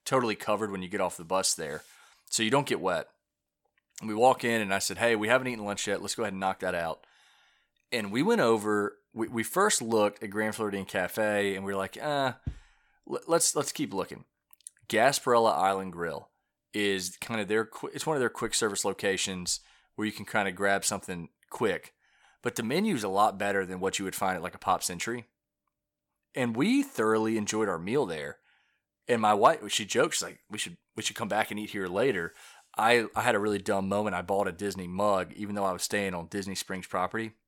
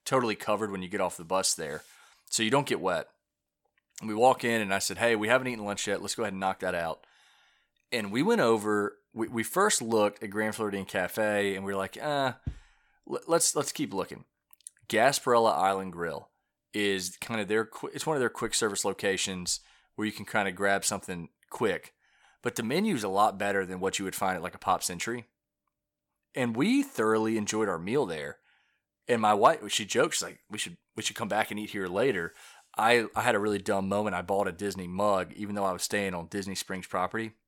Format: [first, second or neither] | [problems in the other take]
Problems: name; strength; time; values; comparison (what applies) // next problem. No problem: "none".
neither | none